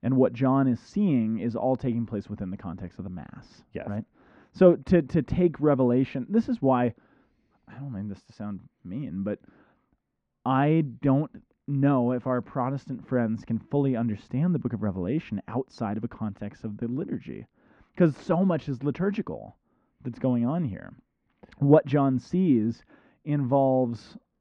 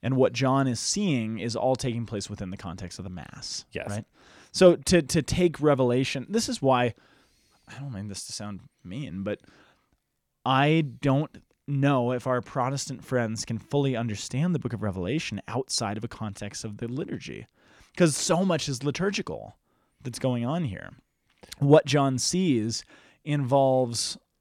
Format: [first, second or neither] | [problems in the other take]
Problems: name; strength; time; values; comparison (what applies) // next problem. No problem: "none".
second | muffled; very; fading above 1.5 kHz